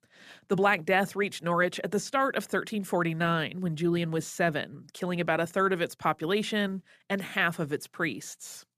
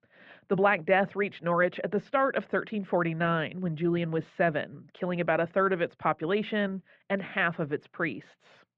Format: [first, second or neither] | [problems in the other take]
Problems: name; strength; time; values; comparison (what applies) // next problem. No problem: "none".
first | muffled; very; fading above 3 kHz